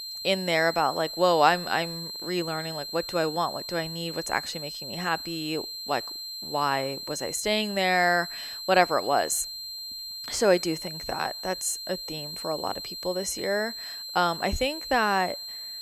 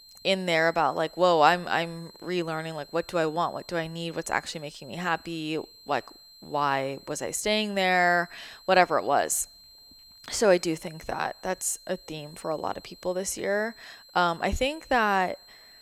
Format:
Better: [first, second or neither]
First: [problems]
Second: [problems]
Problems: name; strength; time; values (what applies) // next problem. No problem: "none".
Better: second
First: high-pitched whine; loud; throughout; 4 kHz, 7 dB below the speech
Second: high-pitched whine; faint; throughout; 4 kHz, 25 dB below the speech